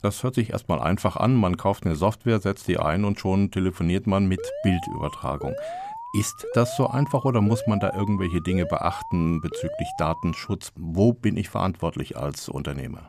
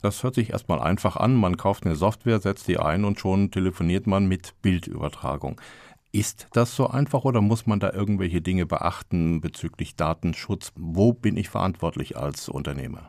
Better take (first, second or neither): second